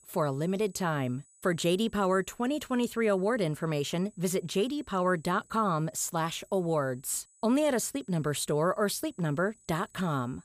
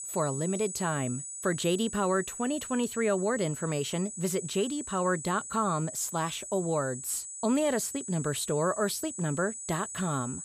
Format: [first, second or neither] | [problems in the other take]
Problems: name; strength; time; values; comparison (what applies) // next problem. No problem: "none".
first | high-pitched whine; loud; throughout; 8 kHz, 7 dB below the speech; faint in the first